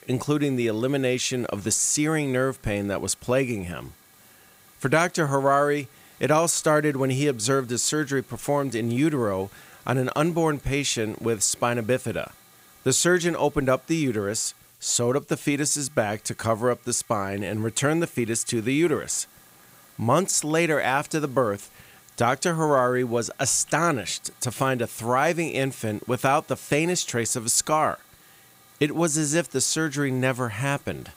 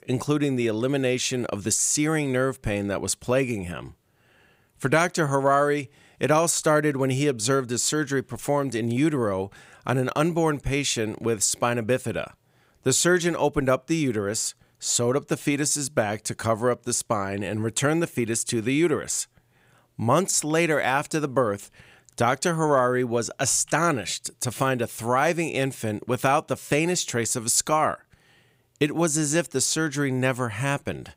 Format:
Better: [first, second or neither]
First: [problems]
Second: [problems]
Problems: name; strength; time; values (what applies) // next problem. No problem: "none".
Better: second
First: hiss; faint; throughout; 25 dB below the speech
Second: none